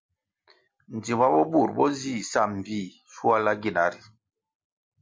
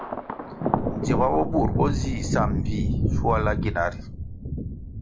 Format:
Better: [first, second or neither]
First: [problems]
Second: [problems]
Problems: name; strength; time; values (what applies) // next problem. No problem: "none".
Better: first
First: none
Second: background sound (Thunder); 2 dB above the speech